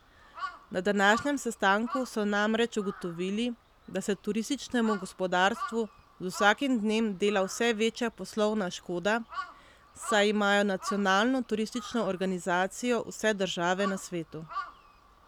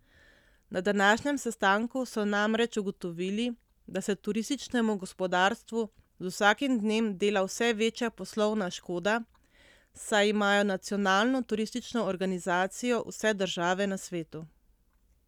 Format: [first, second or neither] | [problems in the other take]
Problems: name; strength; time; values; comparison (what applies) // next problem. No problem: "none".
second | background sound (Crow); 15 dB below the speech